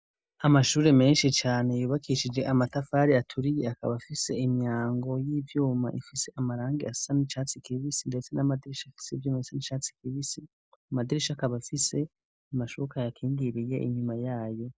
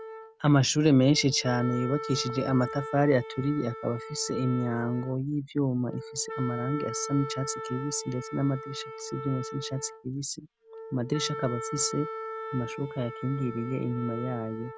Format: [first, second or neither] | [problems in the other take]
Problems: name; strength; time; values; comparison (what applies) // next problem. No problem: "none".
first | background sound (Wind instrument, woodwind instrument); 10 dB below the speech